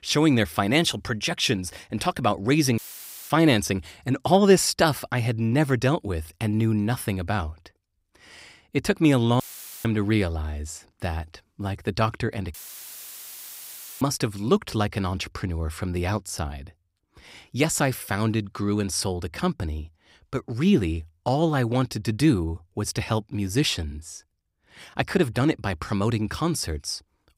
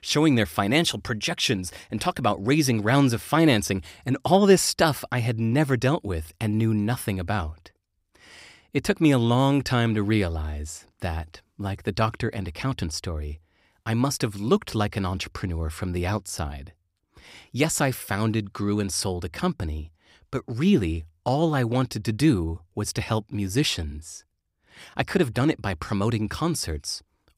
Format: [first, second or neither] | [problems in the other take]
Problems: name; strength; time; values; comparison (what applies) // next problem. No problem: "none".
second | audio cutting out; filled with static; at 3 s for 0.5 s, at 9.5 s and at 13 s for 1.5 s